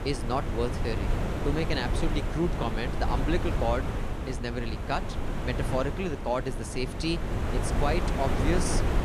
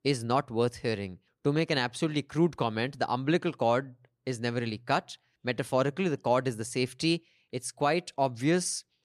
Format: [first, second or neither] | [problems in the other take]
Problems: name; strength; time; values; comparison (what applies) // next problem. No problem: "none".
second | wind noise on the microphone; heavy; 3 dB below the speech